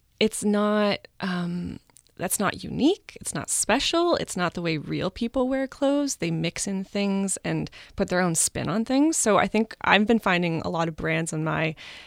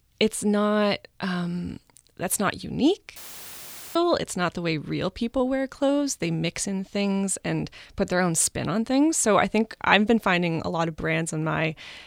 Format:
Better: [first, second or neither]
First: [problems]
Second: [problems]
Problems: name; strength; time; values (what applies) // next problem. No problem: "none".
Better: first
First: none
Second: audio cutting out; filled with static; at 3 s for 1 s